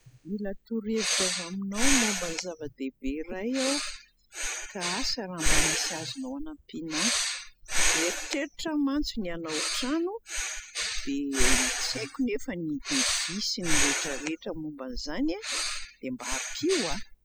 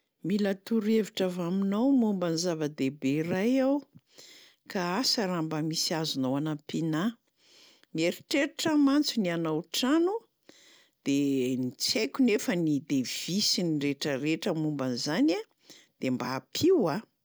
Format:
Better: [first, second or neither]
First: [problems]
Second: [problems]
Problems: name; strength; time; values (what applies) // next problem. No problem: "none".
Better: second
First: noise reduction (classical method spectral subtraction)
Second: none